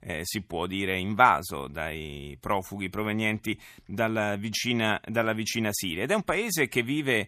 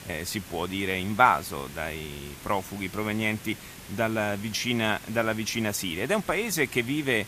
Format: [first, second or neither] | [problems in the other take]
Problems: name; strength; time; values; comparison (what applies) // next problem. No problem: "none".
first | hiss; noticeable; throughout; 15 dB below the speech